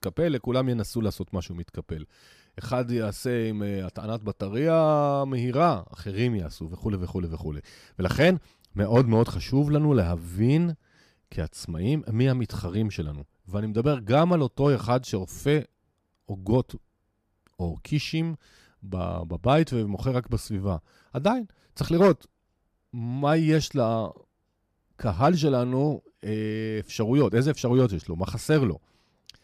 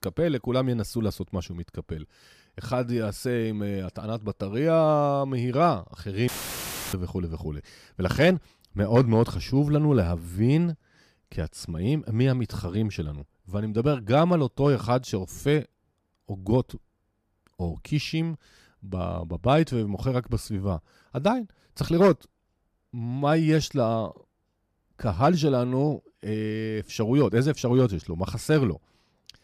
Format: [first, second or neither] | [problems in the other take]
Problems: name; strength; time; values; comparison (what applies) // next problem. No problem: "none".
first | audio cutting out; filled with static; at 6.5 s for 0.5 s